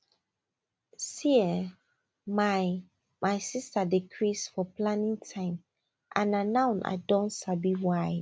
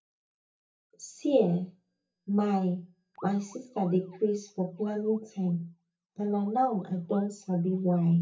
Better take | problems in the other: first | noise reduction (neural mask model DeepFilterNet 3)

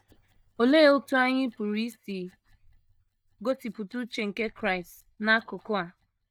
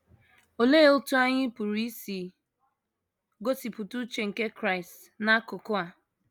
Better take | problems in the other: second | noise reduction (neural mask model DeepFilterNet 3)

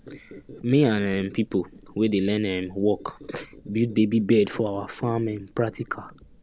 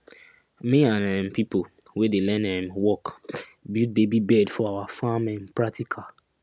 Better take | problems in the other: second | background sound (Squeak); 20 dB below the speech

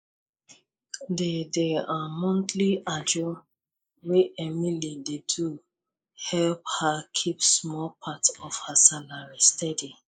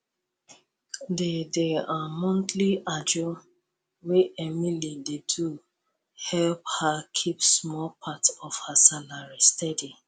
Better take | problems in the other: second | noise reduction (neural mask model Resemble Enhance denoiser)

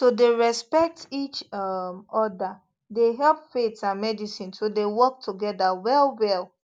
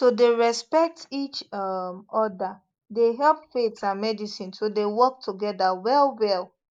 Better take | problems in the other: first | noise reduction (neural mask model Resemble Enhance denoiser)

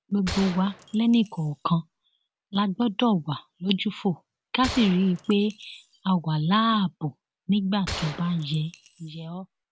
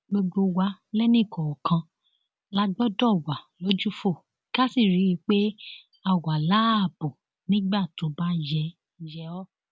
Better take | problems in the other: second | background sound (Gunshot, gunfire); 13 dB below the speech

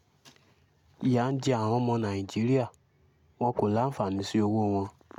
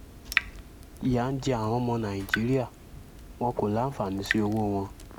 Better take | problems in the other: first | background sound (Drip / Water tap, faucet); 8 dB below the speech

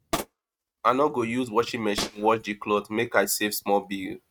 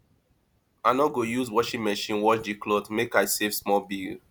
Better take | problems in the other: second | noise reduction (neural mask model RNNoise)

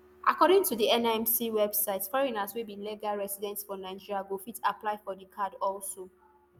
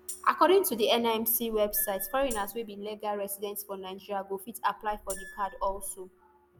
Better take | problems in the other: first | background sound (Tambourine + Squeak / Screech); 15 dB below the speech

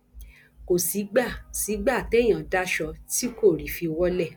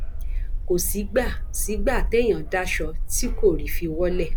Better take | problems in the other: first | background sound (Bark); as loud as the speech

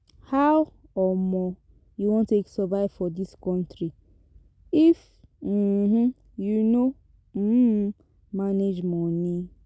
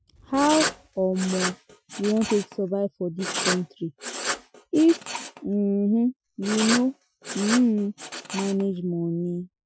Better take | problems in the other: first | noise reduction (classical method Wiener filter)

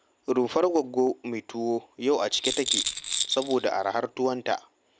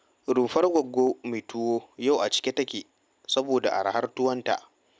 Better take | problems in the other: second | background sound (Rattle); 4 dB below the speech

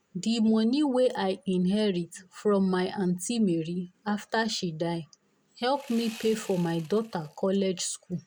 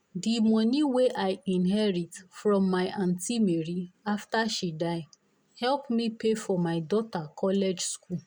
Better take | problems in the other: second | background sound (Sawing); 20 dB below the speech

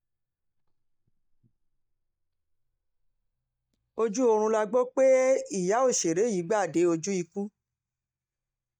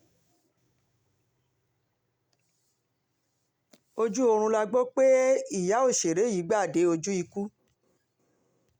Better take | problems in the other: second | noise reduction (neural mask model DeepFilterNet 3)

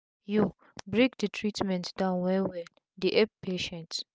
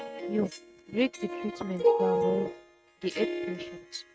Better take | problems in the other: first | noise reduction (neural mask model RNNoise)

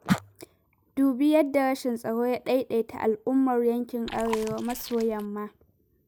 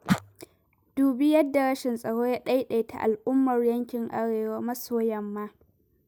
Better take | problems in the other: second | background sound (Chewing, mastication); 13 dB below the speech

